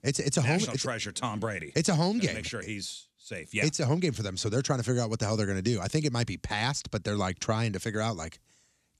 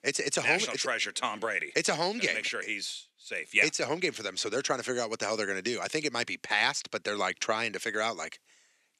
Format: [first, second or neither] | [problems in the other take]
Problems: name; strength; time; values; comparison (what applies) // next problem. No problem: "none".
first | thin; very; fading below 400 Hz